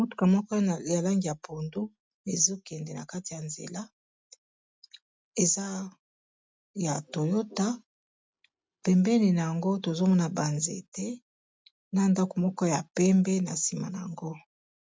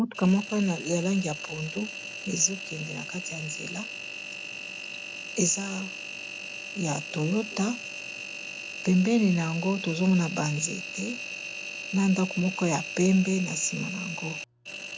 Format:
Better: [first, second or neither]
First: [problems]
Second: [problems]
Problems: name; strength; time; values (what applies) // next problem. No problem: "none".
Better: first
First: none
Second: background sound (Engine); 9 dB below the speech